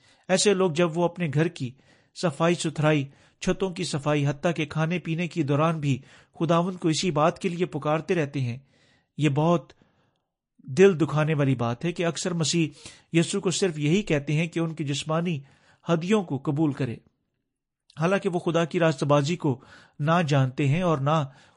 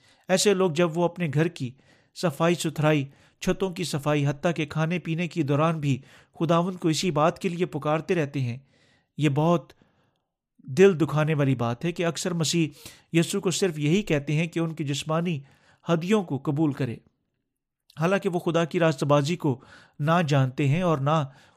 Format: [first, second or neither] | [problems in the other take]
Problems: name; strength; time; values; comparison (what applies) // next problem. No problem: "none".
second | garbled, watery; slightly; nothing above 9 kHz